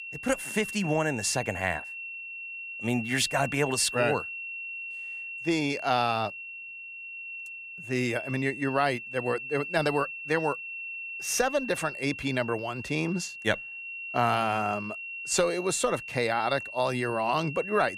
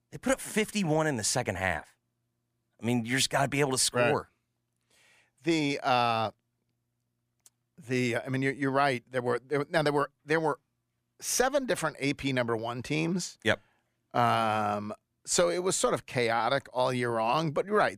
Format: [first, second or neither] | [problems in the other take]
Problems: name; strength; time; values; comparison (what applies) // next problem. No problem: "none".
second | high-pitched whine; loud; throughout; 2.5 kHz, 8 dB below the speech